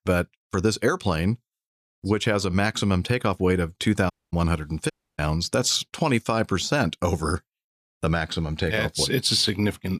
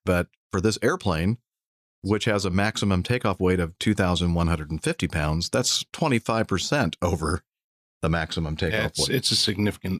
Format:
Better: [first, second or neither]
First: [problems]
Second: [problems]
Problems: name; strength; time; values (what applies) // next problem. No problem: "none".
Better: second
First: audio cutting out; at 4 s and at 5 s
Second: none